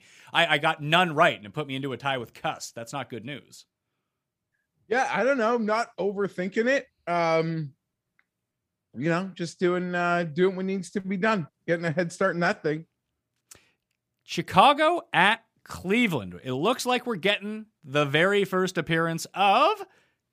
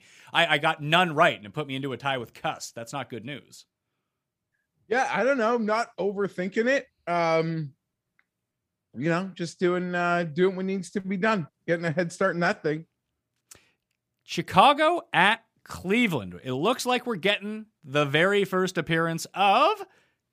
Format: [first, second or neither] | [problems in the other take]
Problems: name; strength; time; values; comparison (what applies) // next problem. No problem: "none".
neither | none